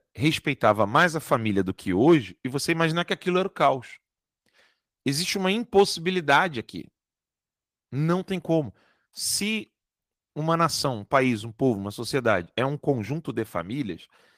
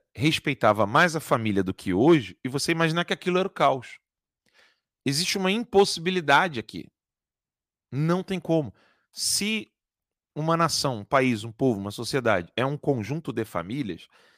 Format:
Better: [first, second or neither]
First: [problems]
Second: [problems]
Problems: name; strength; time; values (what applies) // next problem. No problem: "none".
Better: second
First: garbled, watery; slightly; nothing above 15 kHz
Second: none